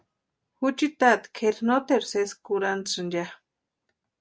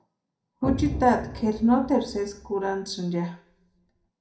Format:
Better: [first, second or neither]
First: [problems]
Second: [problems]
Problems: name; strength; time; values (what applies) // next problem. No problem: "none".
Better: first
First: none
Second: background sound (Explosion); 11 dB below the speech // room echo; dies away in 0.4 s